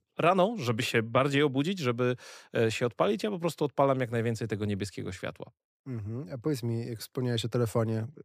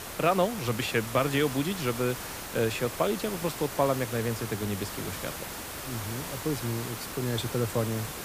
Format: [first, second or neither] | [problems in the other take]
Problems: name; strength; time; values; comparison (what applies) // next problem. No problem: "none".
first | hiss; loud; throughout; 6 dB below the speech